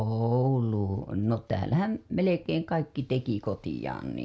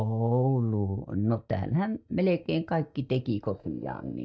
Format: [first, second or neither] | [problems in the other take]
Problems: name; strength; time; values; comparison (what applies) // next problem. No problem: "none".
first | noise reduction (neural mask model DeepFilterNet 3)